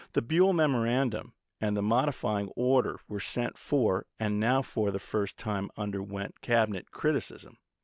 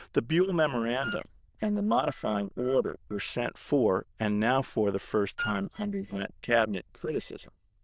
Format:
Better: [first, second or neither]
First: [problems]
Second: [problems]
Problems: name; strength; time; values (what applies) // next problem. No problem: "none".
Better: first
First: none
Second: noise reduction (neural diffusion model UNIVERSE++)